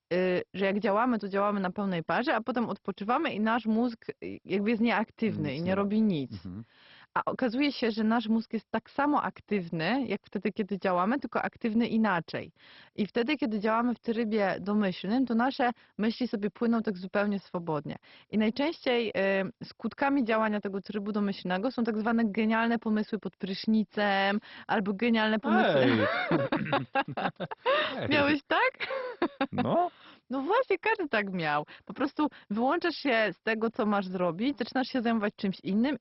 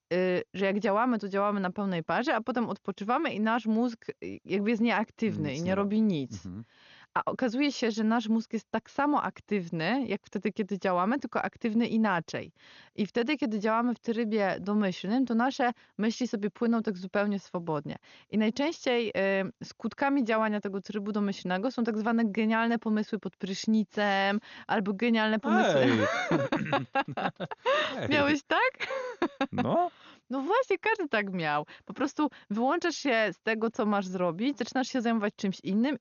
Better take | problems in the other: second | garbled, watery; badly; nothing above 5.5 kHz; slightly in the second

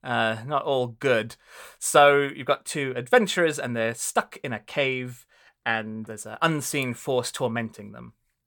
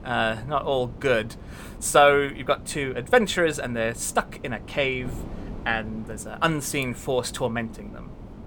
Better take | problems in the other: first | wind noise on the microphone; occasional gusts; 25 dB below the speech

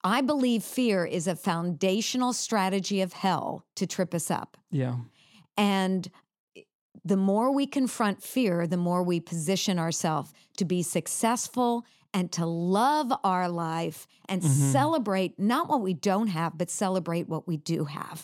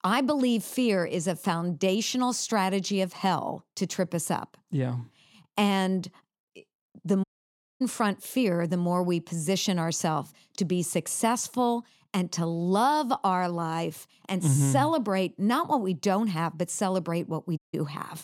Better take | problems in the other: first | audio cutting out; at 7 s for 0.5 s and at 18 s

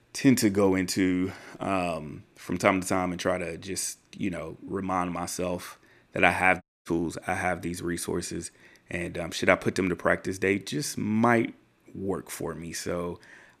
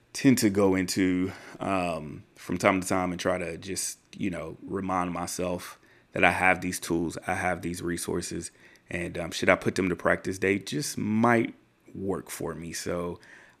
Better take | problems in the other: second | audio cutting out; at 6.5 s

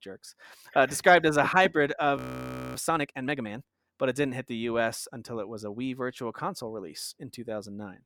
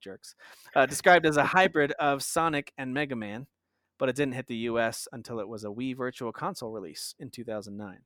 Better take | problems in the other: second | audio freezing; at 2 s for 0.5 s

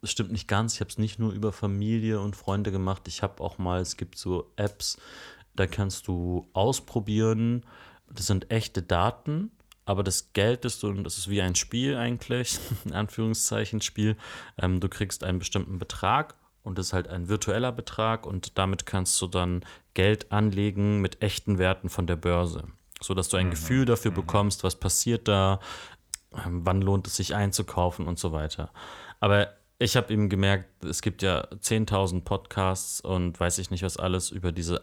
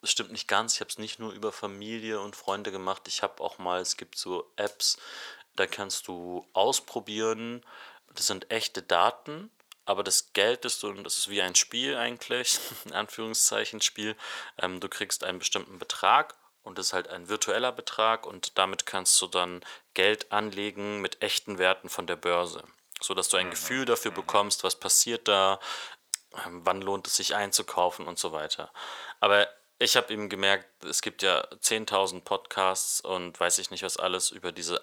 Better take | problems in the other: first | thin; very; fading below 550 Hz

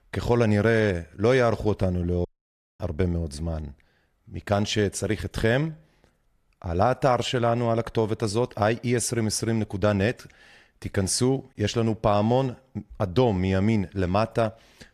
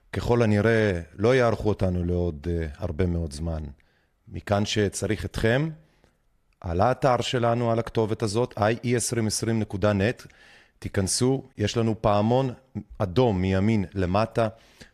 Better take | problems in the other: second | audio cutting out; at 2.5 s for 0.5 s

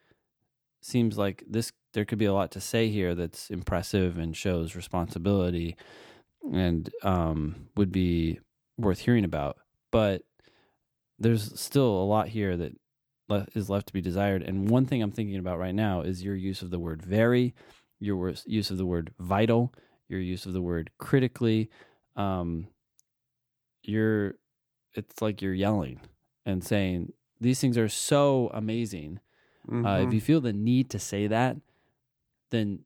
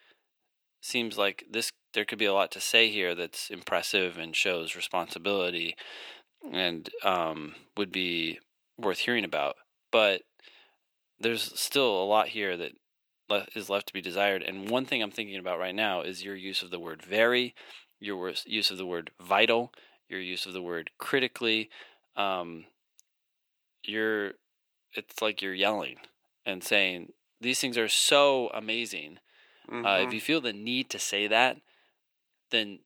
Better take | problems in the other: first | thin; somewhat; fading below 500 Hz

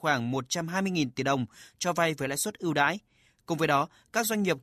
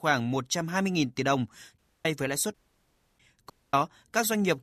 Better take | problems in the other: first | audio cutting out; at 2 s, at 2.5 s for 0.5 s and at 3.5 s

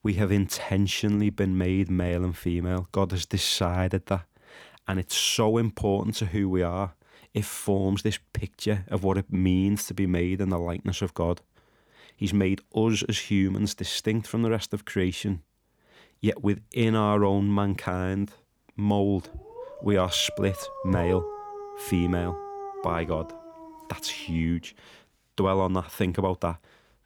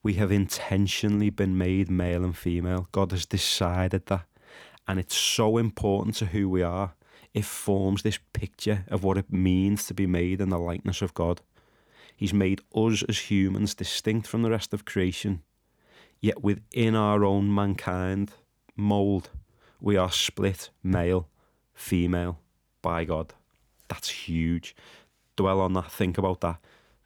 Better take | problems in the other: second | dog barking; noticeable; from 19 to 24 s; peak 6 dB below the speech

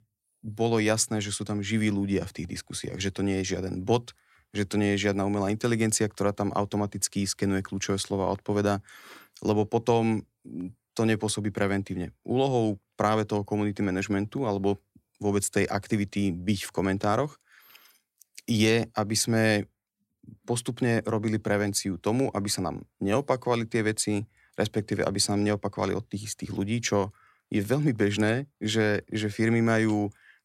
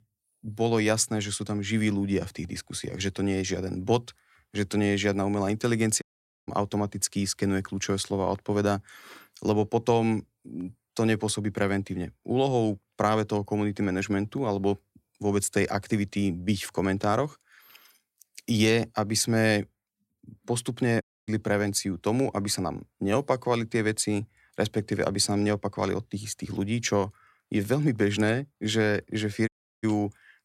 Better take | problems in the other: first | audio cutting out; at 6 s, at 21 s and at 29 s

